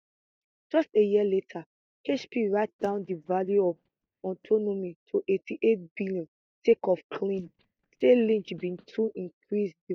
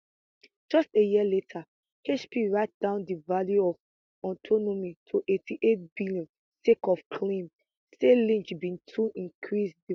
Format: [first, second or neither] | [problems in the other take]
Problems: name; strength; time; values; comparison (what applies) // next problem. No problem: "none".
second | noise reduction (neural mask model DeepFilterNet 3)